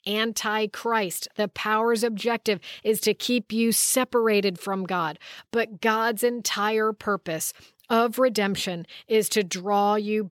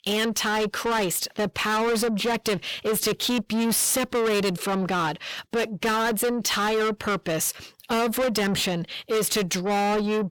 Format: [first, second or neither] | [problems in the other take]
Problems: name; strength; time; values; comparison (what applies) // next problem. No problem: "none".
first | distortion; heavy; 6 dB below the speech